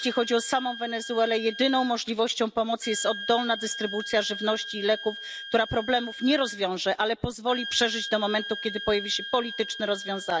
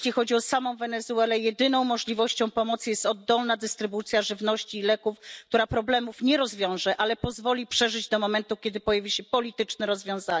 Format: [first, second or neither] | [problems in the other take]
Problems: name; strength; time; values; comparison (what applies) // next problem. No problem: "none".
second | background sound (Wind instrument, woodwind instrument); 11 dB below the speech